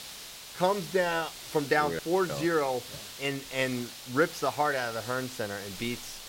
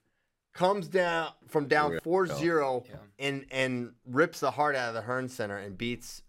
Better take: second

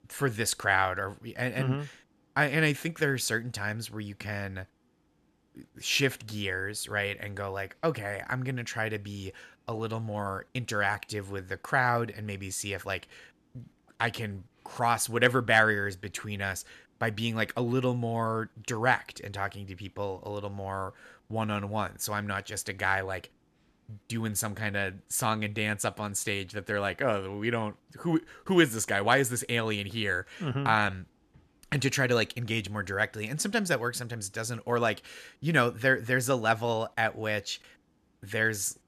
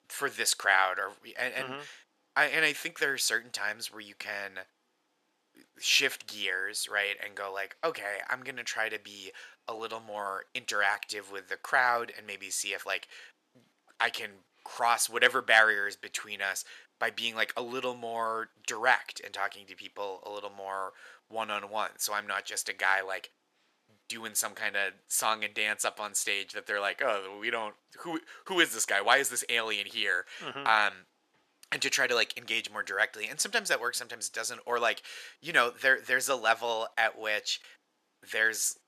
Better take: first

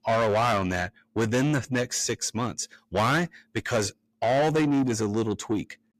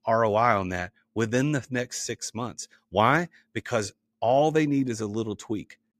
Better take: second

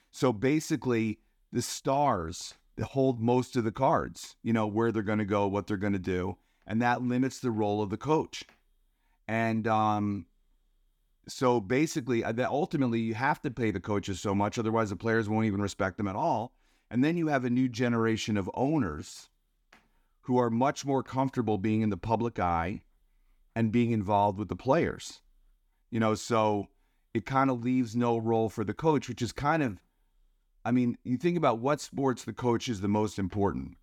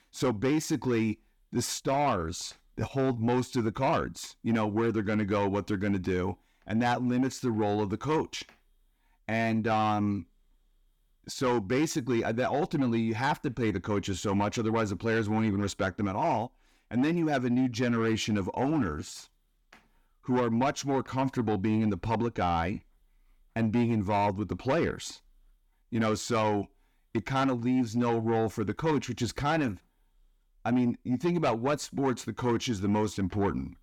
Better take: first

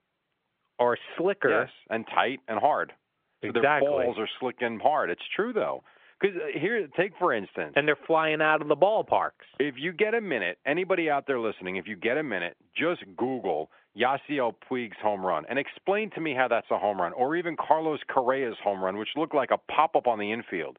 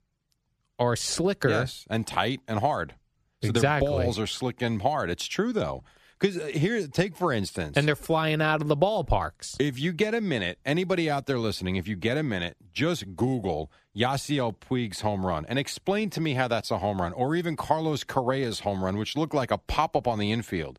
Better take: second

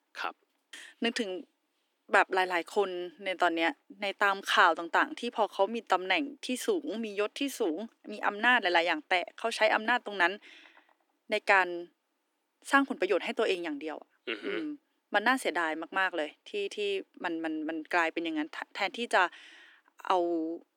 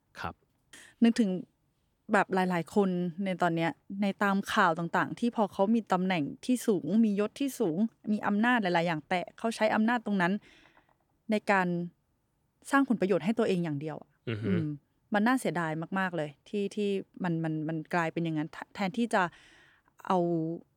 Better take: second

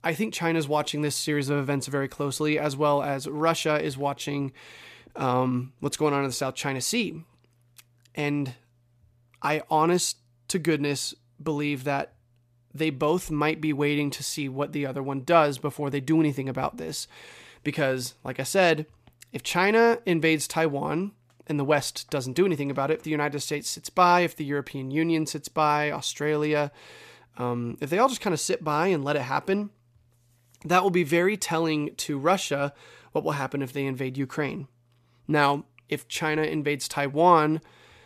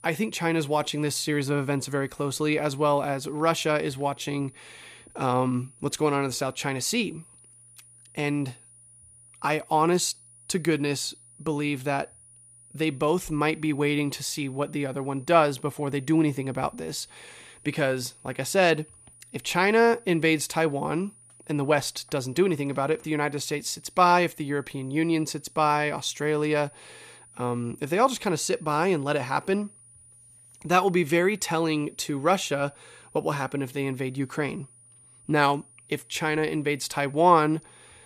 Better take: first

